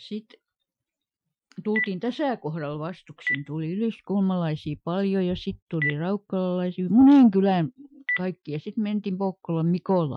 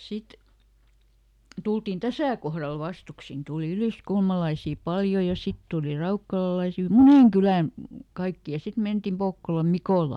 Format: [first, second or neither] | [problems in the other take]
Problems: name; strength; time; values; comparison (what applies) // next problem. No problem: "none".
second | noise reduction (classical method Wiener filter)